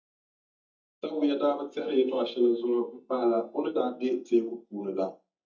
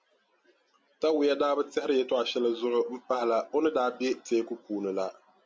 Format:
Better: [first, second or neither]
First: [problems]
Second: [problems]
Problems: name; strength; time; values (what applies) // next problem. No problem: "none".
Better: second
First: noise reduction (neural mask model DeepFilterNet 3)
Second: none